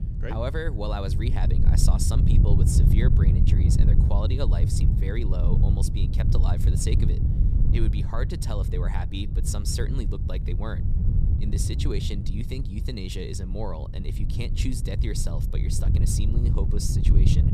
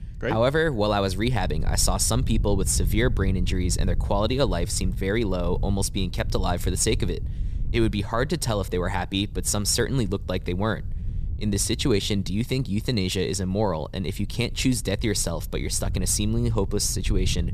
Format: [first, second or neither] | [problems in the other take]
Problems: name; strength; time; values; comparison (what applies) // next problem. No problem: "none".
second | wind noise on the microphone; heavy; 3 dB below the speech; occasional gusts in the second